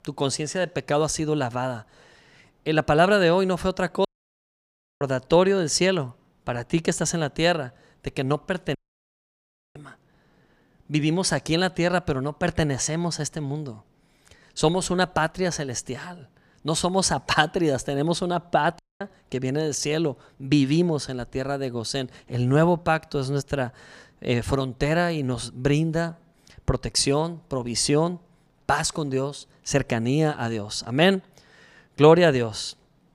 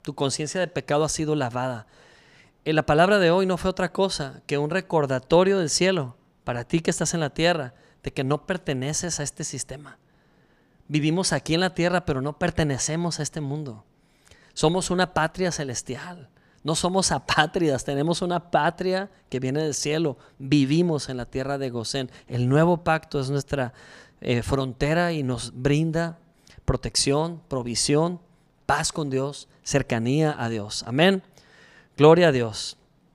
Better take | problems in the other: second | audio cutting out; at 4 s for 1 s, at 9 s for 1 s and at 19 s

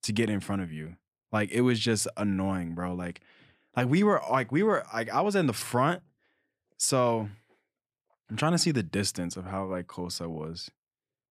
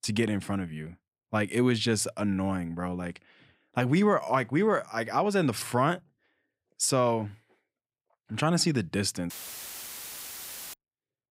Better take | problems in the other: first | audio cutting out; filled with static; at 9.5 s for 1.5 s

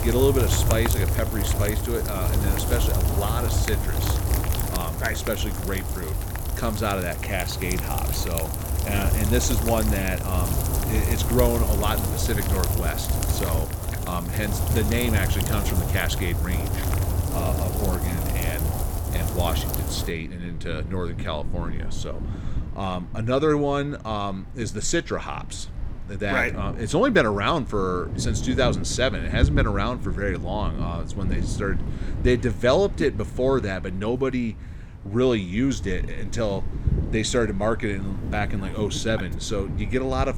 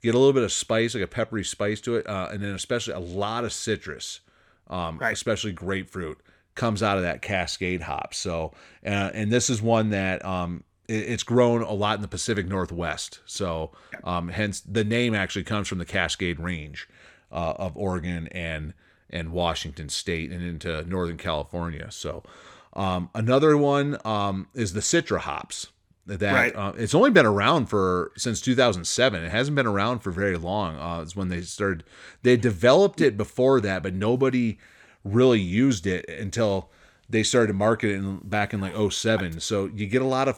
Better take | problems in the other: second | rain or running water; loud; throughout; as loud as the speech

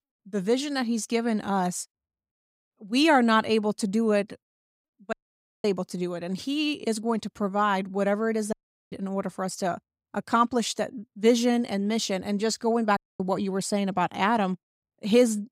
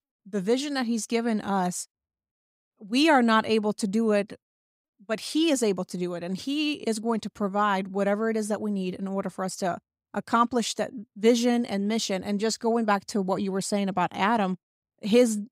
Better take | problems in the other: second | audio cutting out; at 5 s for 0.5 s, at 8.5 s and at 13 s

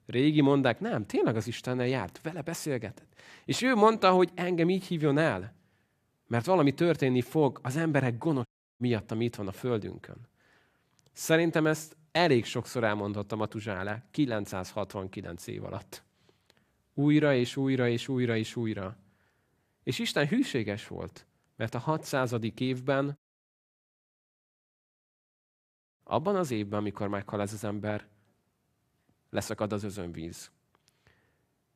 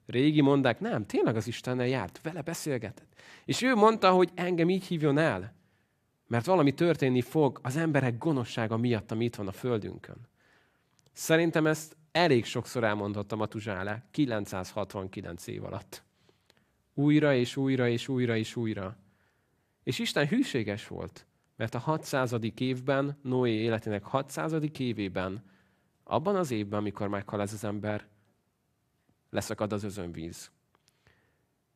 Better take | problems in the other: second | audio cutting out; at 8.5 s and at 23 s for 3 s

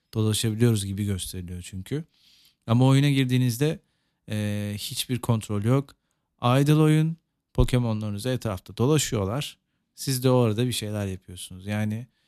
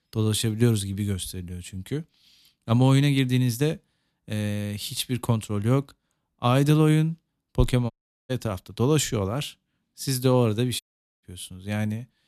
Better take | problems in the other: first | audio cutting out; at 8 s and at 11 s

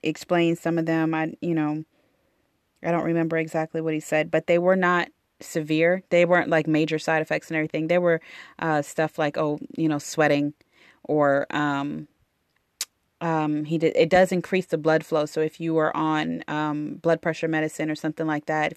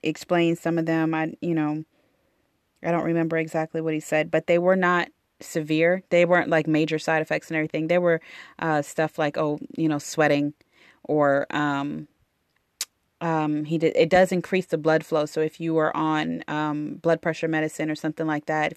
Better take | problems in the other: neither | none

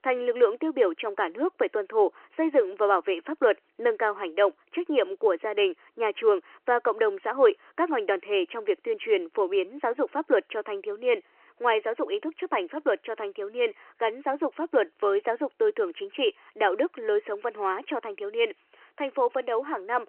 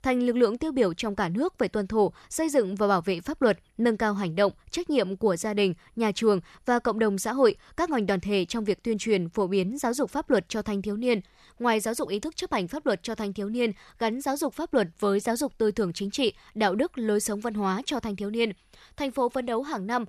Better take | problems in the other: second | phone-call audio

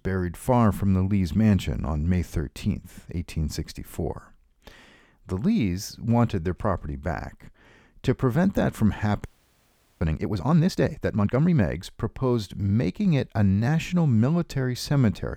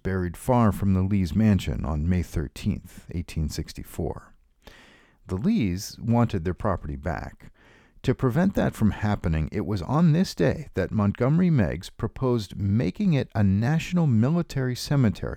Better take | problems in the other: second | audio freezing; at 9.5 s for 1 s

